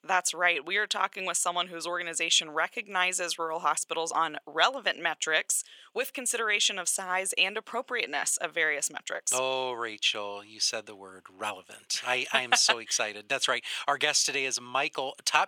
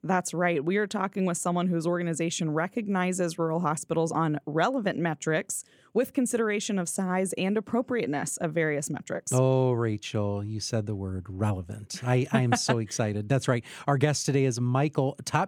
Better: second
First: thin; very; fading below 900 Hz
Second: none

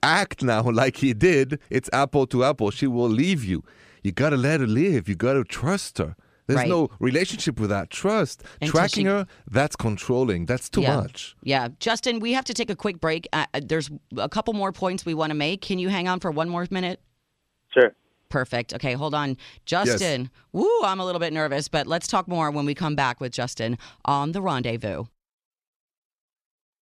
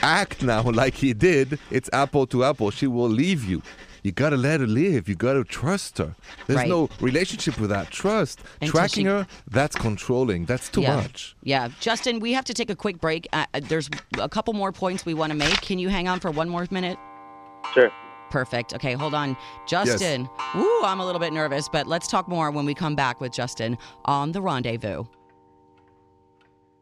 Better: first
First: none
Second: household noises; noticeable; throughout; 15 dB below the speech

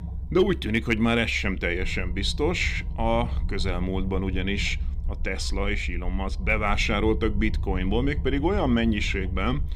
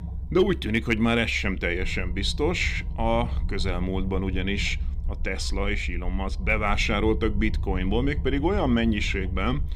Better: neither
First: low rumble; faint; throughout; 20 dB below the speech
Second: low rumble; faint; throughout; 20 dB below the speech

